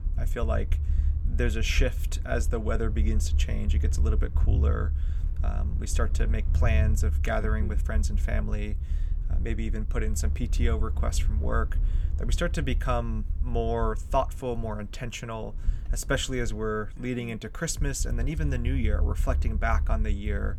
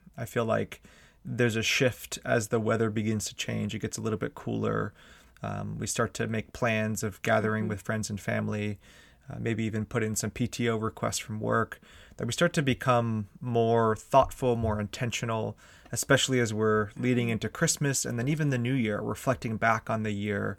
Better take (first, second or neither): second